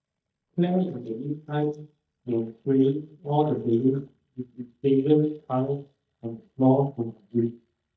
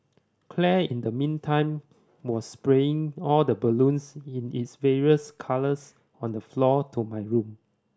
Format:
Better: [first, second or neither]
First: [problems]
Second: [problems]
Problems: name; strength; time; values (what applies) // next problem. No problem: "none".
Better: second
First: noise reduction (neural mask model DeepFilterNet 3)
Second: none